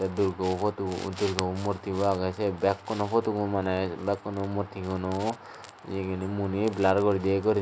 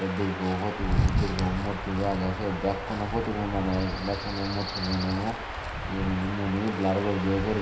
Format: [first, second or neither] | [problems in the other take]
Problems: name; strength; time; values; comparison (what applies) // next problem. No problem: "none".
first | background sound (Stream / Chirp, tweet / Wind); 3 dB below the speech // room echo; dies away in 0.9 s